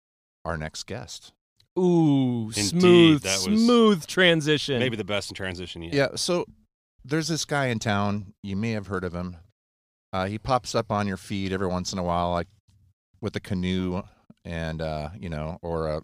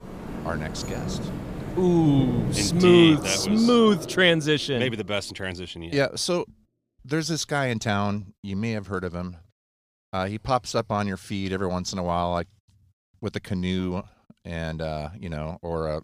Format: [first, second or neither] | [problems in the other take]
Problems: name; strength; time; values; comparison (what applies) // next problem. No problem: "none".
first | rain or running water; loud; until 4 s; 8 dB below the speech